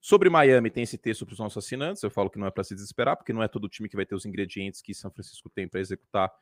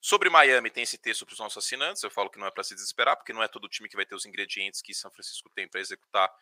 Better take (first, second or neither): first